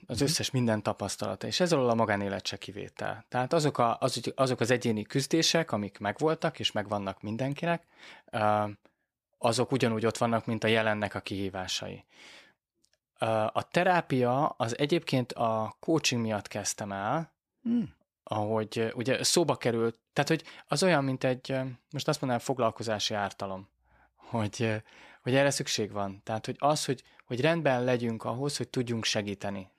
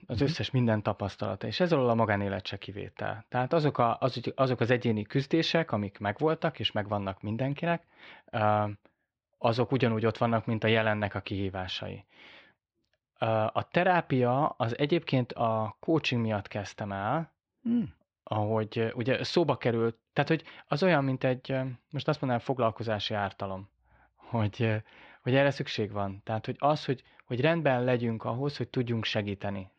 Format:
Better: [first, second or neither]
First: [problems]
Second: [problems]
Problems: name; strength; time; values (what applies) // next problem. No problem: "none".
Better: first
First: none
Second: muffled; slightly; fading above 4 kHz